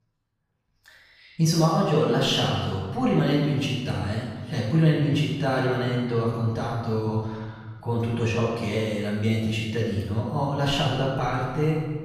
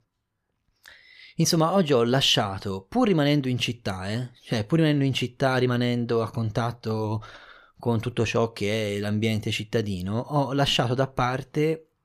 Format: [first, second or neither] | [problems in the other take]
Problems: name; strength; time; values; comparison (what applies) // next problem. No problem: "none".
second | room echo; strong; dies away in 1.6 s // off-mic speech; far